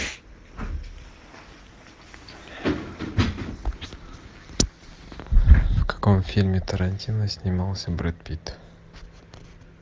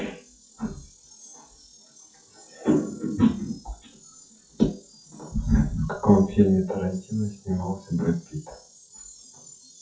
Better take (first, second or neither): first